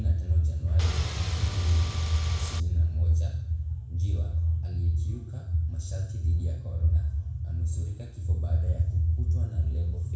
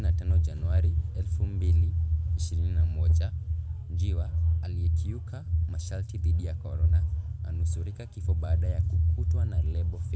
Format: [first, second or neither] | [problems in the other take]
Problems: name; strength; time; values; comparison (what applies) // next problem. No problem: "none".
second | background sound (Engine / Car); 12 dB below the speech // room echo; dies away in 0.7 s